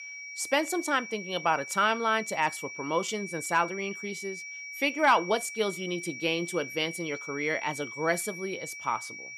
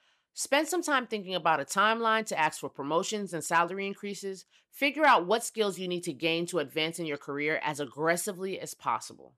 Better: second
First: high-pitched whine; loud; throughout; 2.5 kHz, 9 dB below the speech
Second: none

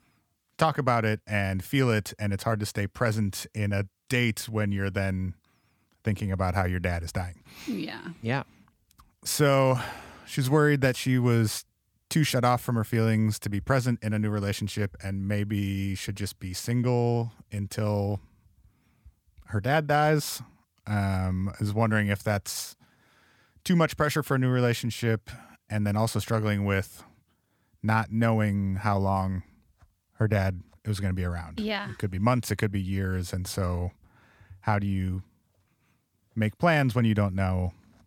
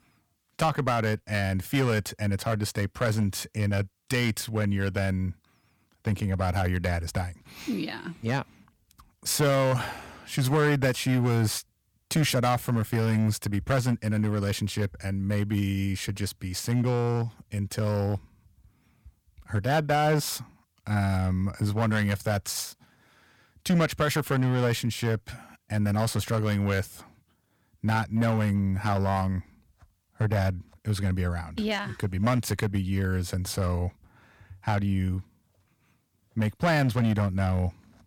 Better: first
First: none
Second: distortion; slight; 5% of the sound clipped

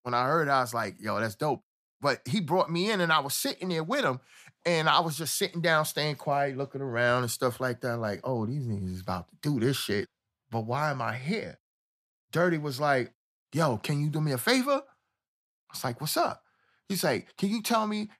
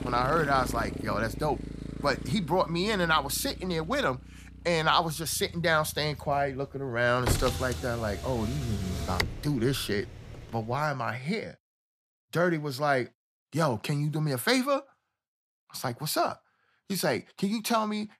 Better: first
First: none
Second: traffic noise; loud; until 11 s; 9 dB below the speech

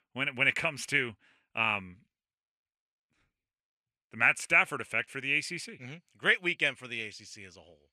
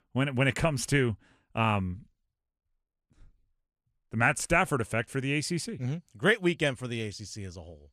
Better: second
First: thin; somewhat; fading below 550 Hz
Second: none

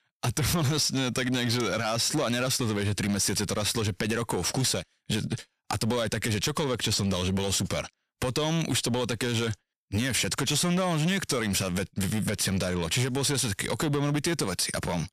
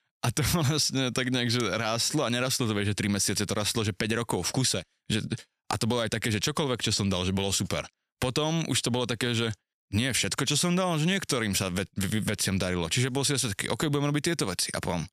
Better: second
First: distortion; slight; 10 dB below the speech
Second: none

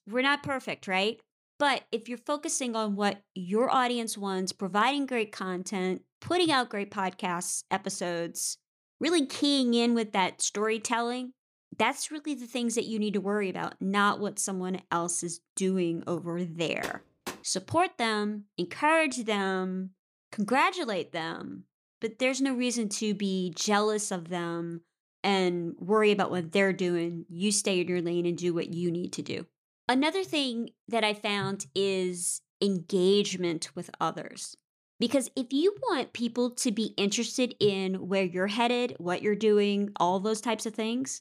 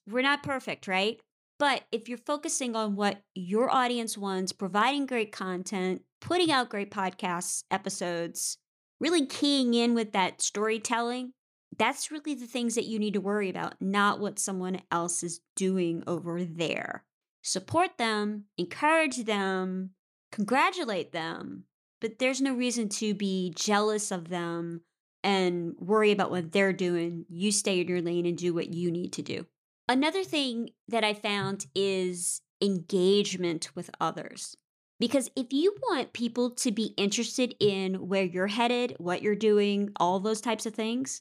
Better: second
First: door banging; faint; at 17 s; peak 10 dB below the speech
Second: none

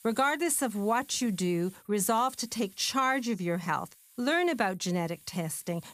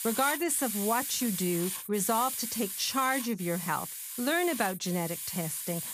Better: first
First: hiss; faint; throughout; 25 dB below the speech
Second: hiss; loud; throughout; 4 dB below the speech

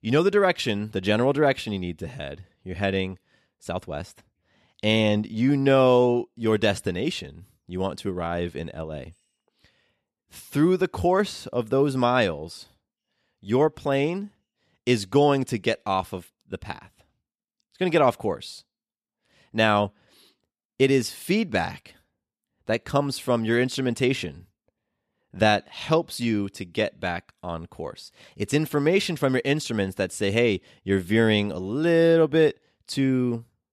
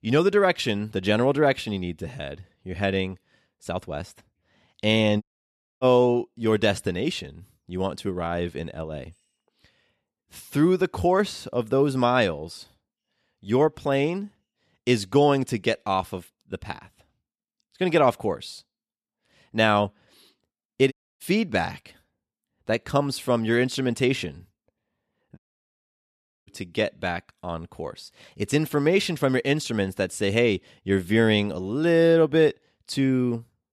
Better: first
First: none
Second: audio cutting out; at 5 s for 0.5 s, at 21 s and at 25 s for 1 s

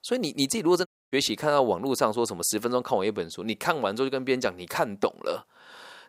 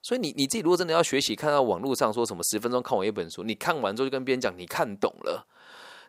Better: second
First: audio cutting out; at 1 s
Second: none

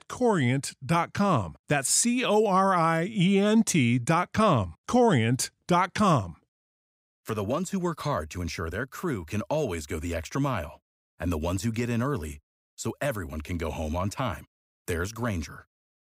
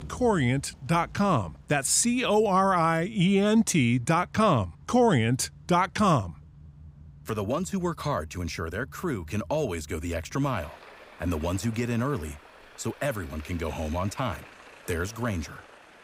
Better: first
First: none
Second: traffic noise; faint; throughout; 20 dB below the speech

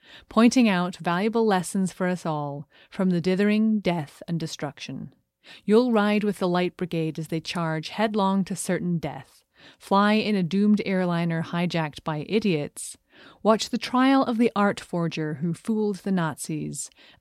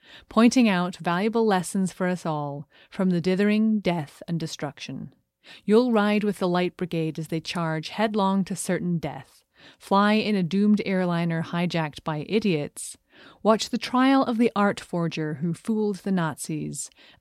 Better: neither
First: none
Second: none

